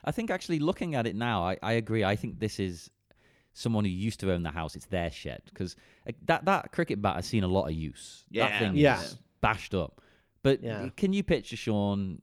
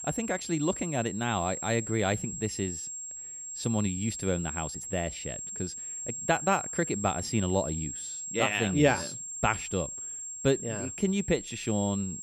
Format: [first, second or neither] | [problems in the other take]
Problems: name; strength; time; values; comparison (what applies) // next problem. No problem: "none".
first | high-pitched whine; loud; throughout; 7.5 kHz, 6 dB below the speech